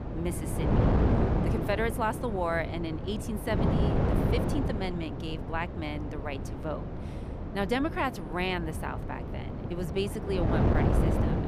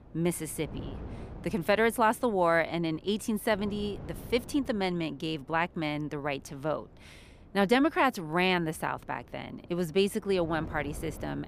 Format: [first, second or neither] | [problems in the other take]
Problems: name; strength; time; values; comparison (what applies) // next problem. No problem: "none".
second | wind noise on the microphone; heavy; 2 dB below the speech; occasional gusts in the second